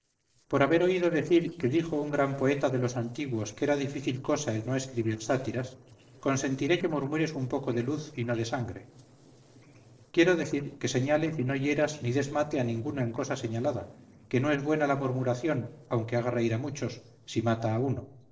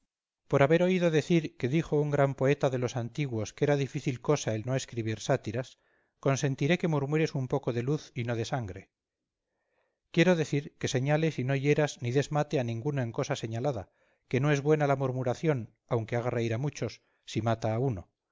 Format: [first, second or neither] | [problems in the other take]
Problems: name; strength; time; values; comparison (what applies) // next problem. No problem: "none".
second | noise reduction (neural separator model SepFormer DNS4)